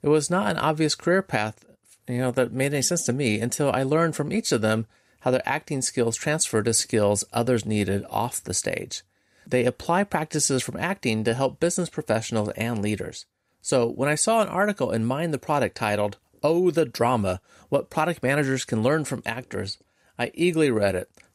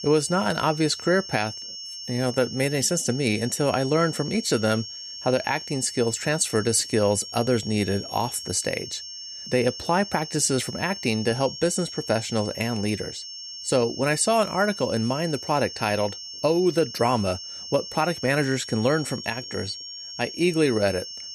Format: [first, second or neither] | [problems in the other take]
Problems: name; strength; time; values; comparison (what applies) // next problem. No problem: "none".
first | high-pitched whine; loud; throughout; 5.5 kHz, 10 dB below the speech